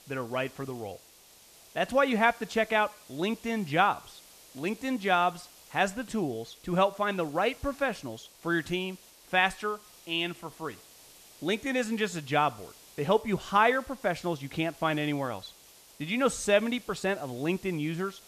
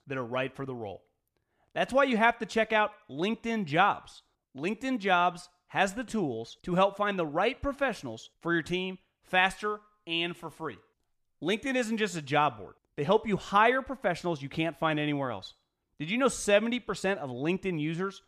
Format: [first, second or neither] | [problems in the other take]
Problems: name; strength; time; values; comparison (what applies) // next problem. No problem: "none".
second | hiss; faint; throughout; 25 dB below the speech